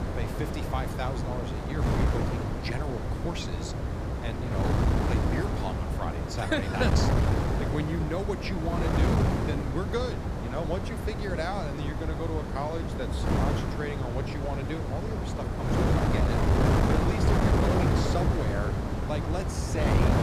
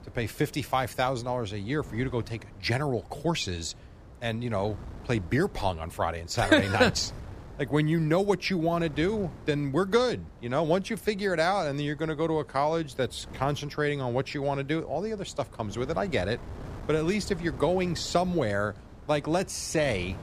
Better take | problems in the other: second | wind noise on the microphone; heavy; 2 dB above the speech; occasional gusts in the second

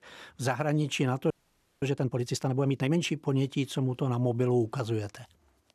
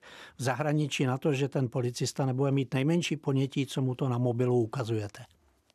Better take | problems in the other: second | audio freezing; at 1.5 s for 0.5 s

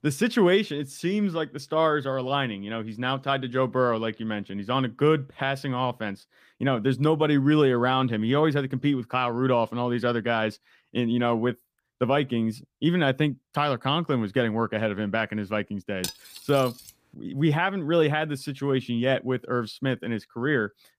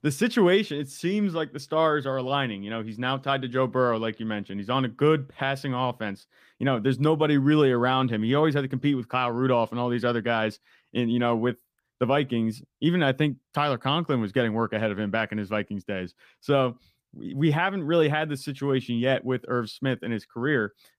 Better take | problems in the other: second | clattering dishes; noticeable; at 16 s; peak 9 dB below the speech

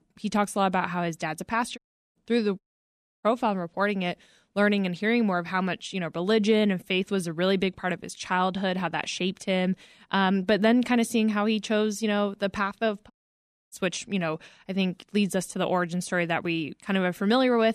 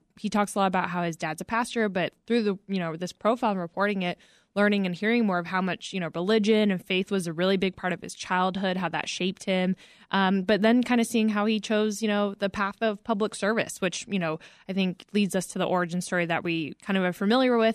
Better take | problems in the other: second | audio cutting out; at 2 s, at 2.5 s for 0.5 s and at 13 s for 0.5 s

